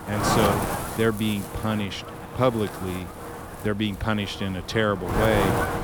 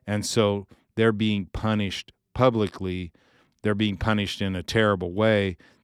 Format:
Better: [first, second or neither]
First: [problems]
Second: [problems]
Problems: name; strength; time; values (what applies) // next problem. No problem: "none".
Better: second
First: wind noise on the microphone; heavy; 2 dB below the speech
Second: none